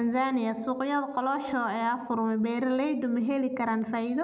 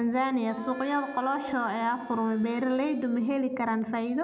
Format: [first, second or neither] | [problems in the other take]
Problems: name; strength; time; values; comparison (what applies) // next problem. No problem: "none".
first | background sound (Harmonica); 19 dB below the speech